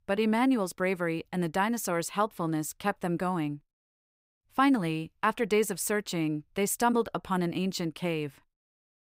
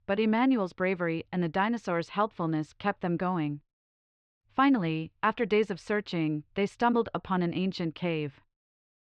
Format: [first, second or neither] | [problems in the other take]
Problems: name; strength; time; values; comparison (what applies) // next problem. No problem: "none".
first | muffled; slightly; fading above 4 kHz